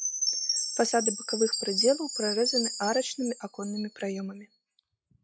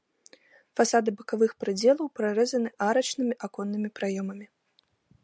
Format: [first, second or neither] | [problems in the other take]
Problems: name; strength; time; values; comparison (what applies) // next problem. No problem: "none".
second | noise reduction (classical method log-MMSE)